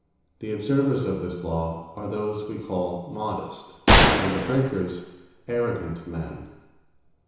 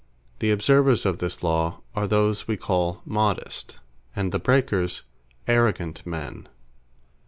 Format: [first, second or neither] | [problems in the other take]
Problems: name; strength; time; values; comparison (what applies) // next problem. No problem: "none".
second | background sound (Gunshot, gunfire); 4 dB above the speech // room echo; dies away in 1 s